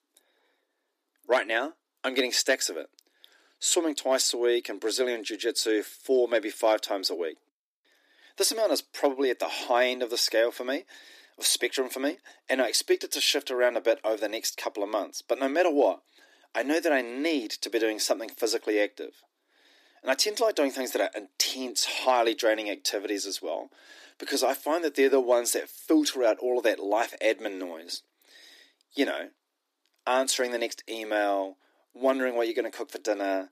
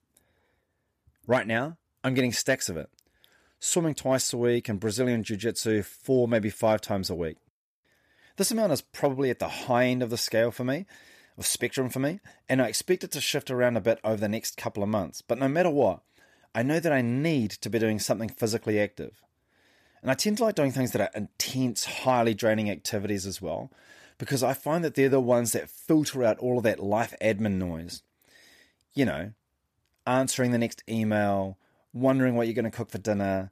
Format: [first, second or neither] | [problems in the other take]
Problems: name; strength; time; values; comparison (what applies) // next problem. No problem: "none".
second | thin; somewhat; fading below 300 Hz